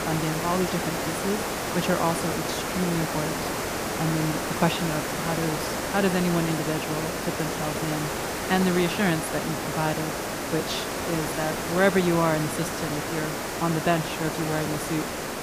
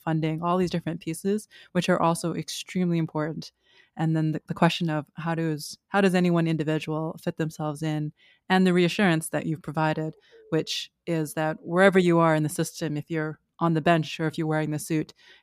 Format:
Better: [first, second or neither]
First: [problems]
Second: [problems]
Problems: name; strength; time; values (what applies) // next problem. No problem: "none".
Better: second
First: hiss; loud; throughout; 1 dB below the speech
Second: none